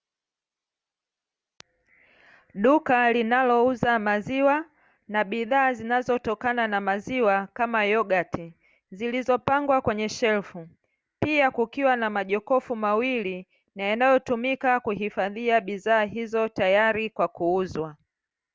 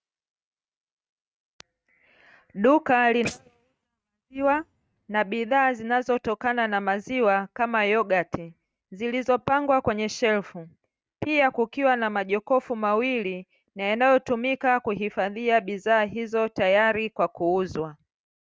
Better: first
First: none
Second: noise reduction (neural mask model RNNoise)

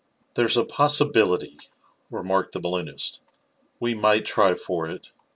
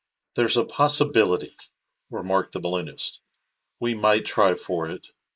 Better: first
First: none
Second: noise reduction (neural mask model Resemble Enhance denoiser)

